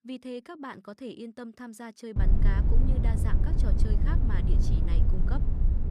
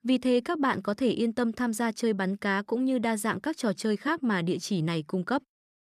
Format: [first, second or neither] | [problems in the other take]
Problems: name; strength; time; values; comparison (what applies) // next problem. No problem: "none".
second | low rumble; loud; from 2 s on; 1 dB below the speech